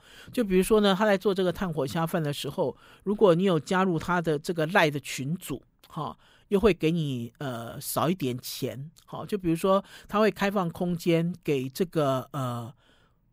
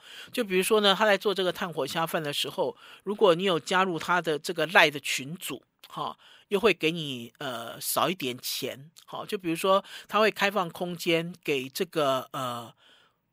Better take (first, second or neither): first